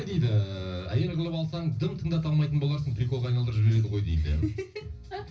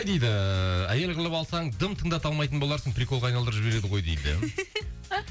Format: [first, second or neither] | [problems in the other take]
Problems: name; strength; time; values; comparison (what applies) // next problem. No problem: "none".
second | room echo; dies away in 0.4 s